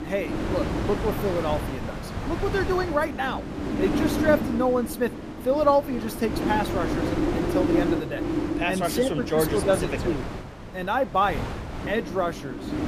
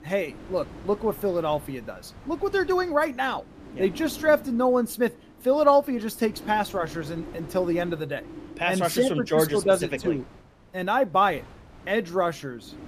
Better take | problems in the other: second | wind noise on the microphone; heavy; 6 dB below the speech; occasional gusts in the second

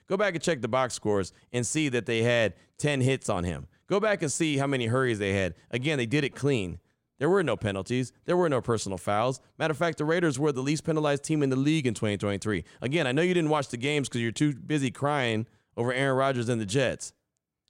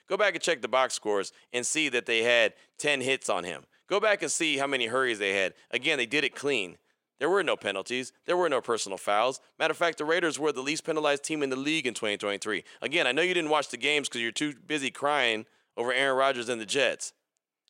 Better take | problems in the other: first | thin; somewhat; fading below 400 Hz

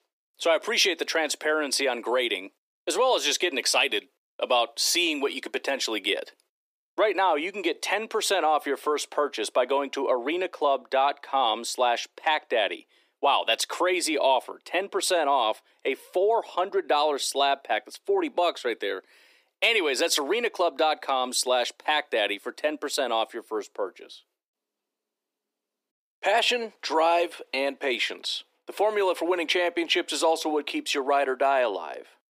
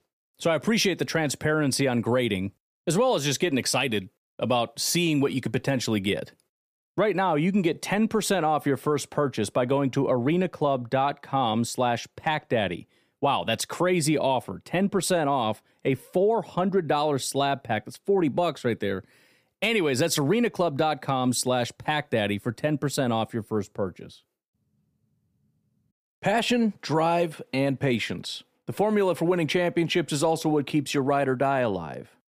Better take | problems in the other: second | thin; very; fading below 300 Hz

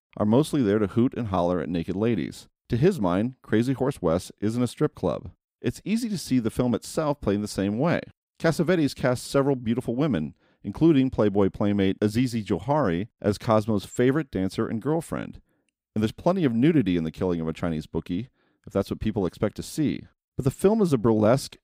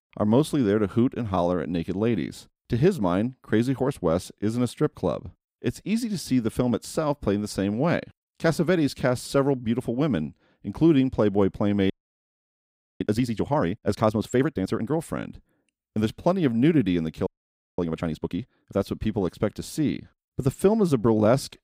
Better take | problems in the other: first | audio freezing; at 12 s for 1 s and at 17 s for 0.5 s

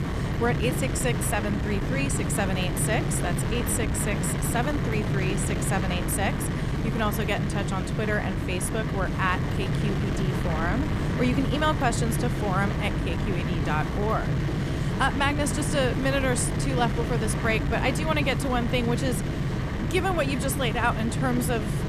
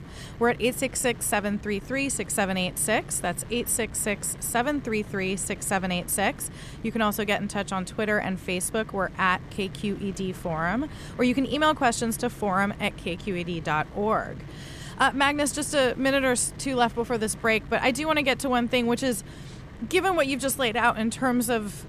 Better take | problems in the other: second | wind noise on the microphone; heavy; 5 dB below the speech; occasional gusts in the second

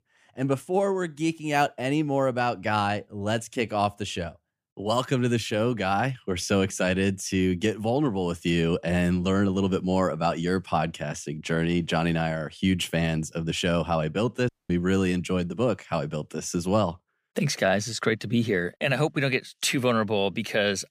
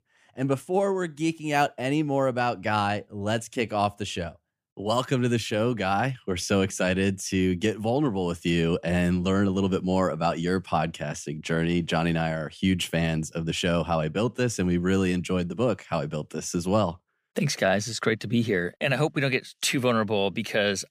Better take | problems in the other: second | audio cutting out; at 14 s

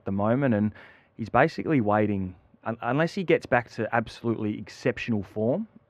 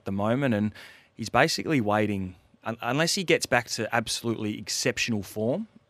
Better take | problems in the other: second | muffled; very; fading above 3.5 kHz

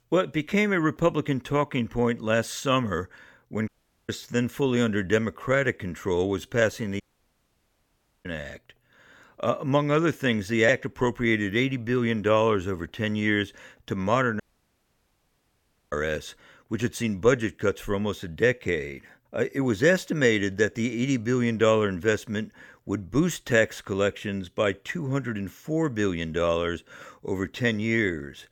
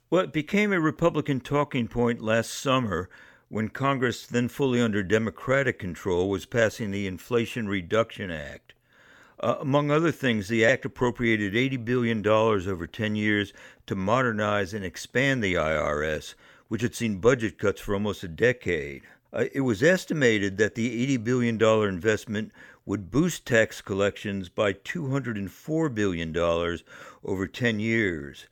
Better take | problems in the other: second | audio cutting out; at 3.5 s, at 7 s for 1.5 s and at 14 s for 1.5 s

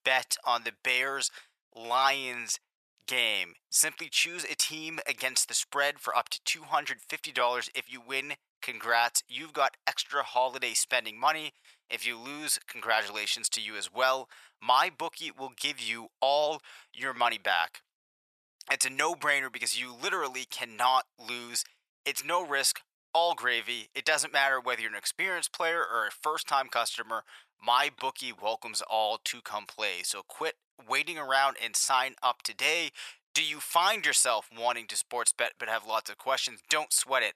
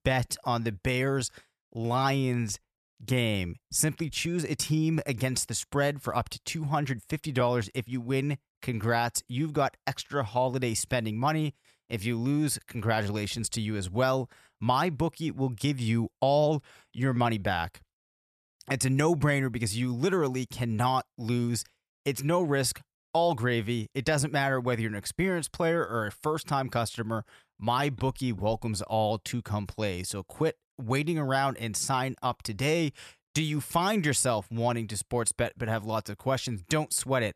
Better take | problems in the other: second | thin; very; fading below 950 Hz

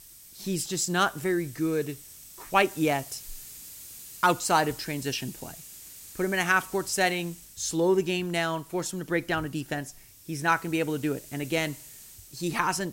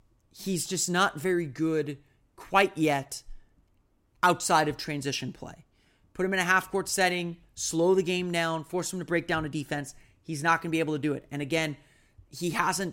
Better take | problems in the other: second | hiss; noticeable; throughout; 15 dB below the speech

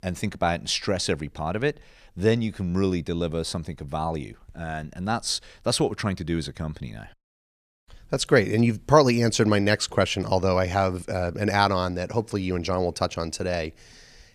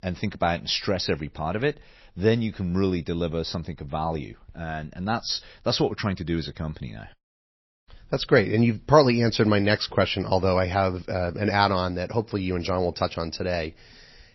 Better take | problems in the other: first | garbled, watery; slightly; nothing above 5.5 kHz

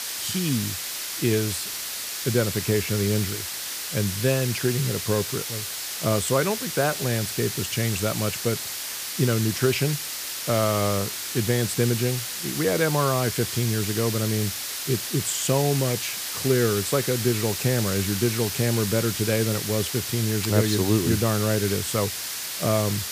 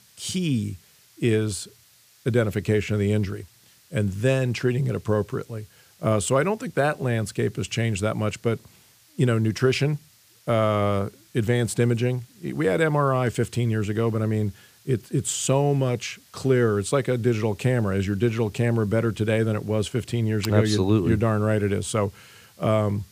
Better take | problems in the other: second | hiss; loud; throughout; 3 dB below the speech; faint in the second

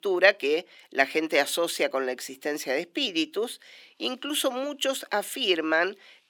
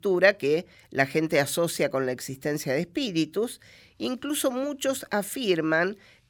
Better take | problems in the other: second | thin; very slightly; fading below 250 Hz

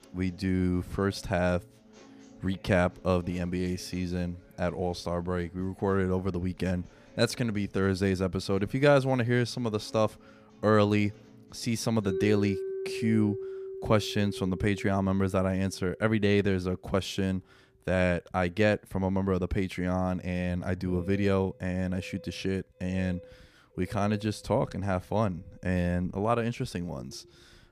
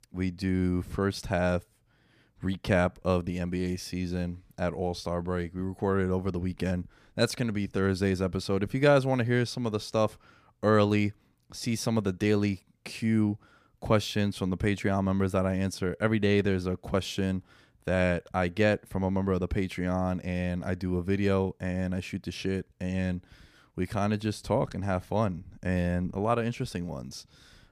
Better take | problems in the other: second | background music; noticeable; throughout; 15 dB below the speech

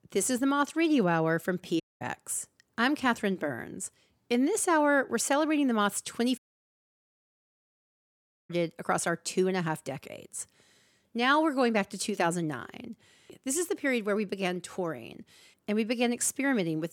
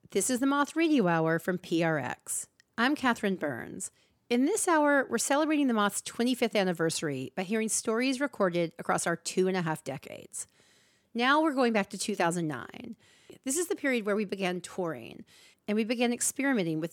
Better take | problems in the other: second | audio cutting out; at 2 s and at 6.5 s for 2 s

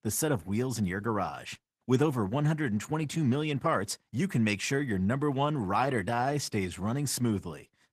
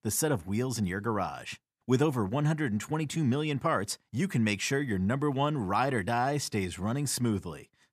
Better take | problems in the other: second | garbled, watery; slightly; nothing above 14.5 kHz

